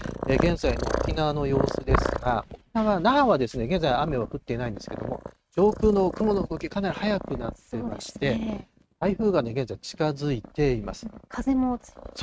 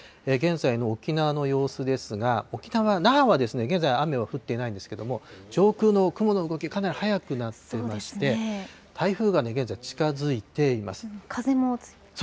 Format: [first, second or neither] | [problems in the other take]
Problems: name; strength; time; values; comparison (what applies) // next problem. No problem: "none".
second | noise reduction (neural mask model RNNoise)